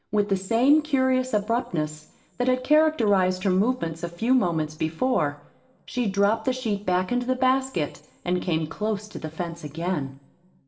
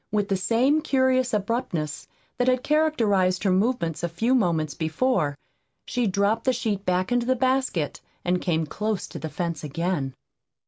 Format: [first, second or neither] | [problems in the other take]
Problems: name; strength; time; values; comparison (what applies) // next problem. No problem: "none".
second | room echo; dies away in 0.7 s